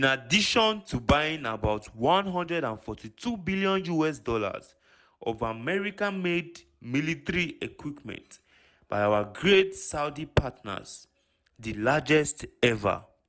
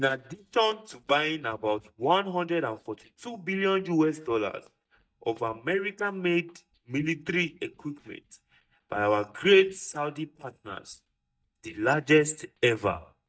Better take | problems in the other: first | noise reduction (neural mask model DeepFilterNet 3)

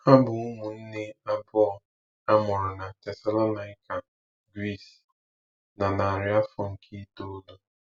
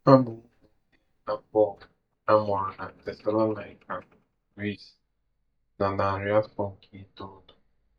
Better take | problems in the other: first | noise reduction (neural mask model DeepFilterNet 3)

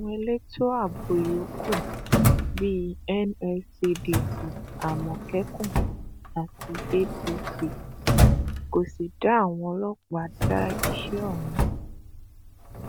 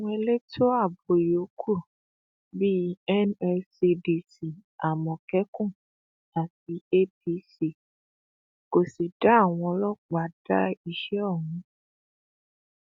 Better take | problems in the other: second | background sound (Drawer open or close); 1 dB above the speech

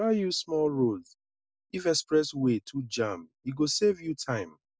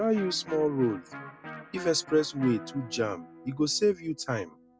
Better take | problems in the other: first | background sound (Electric guitar); 15 dB below the speech

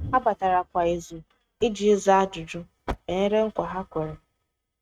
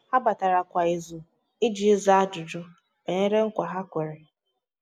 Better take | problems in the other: second | noise reduction (neural mask model RNNoise)

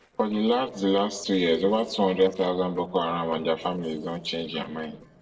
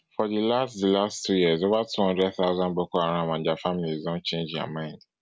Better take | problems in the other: second | noise reduction (neural separator model SepFormer DNS4)

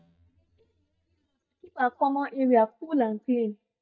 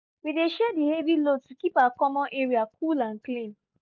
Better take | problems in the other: second | noise reduction (neural mask model DeepFilterNet 3)

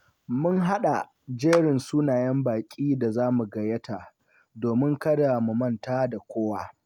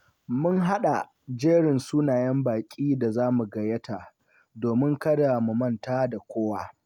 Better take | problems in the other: second | background sound (Clapping); 14 dB below the speech

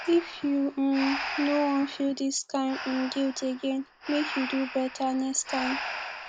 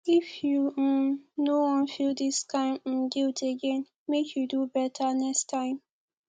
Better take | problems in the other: second | background sound (Breathing); 9 dB below the speech

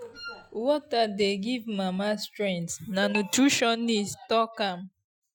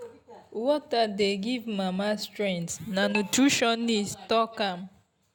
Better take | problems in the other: second | noise reduction (classical method Wiener filter)

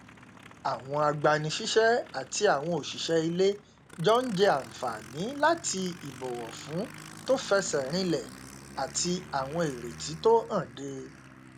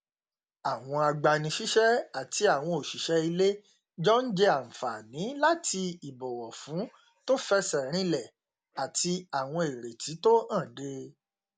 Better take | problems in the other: second | background sound (Aircraft); 18 dB below the speech

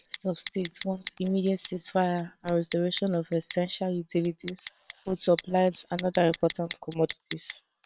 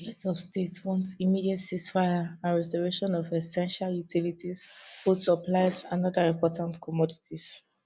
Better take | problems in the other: second | noise reduction (neural separator model SepFormer WHAM!)

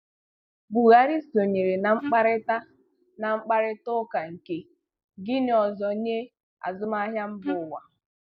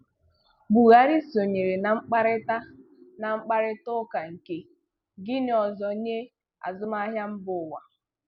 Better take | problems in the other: second | noise reduction (neural mask model DeepFilterNet 3)

